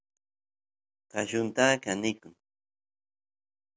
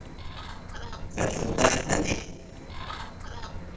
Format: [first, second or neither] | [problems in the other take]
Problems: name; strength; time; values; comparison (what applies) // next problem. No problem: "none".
first | noise reduction (neural separator model SepFormer DNS4)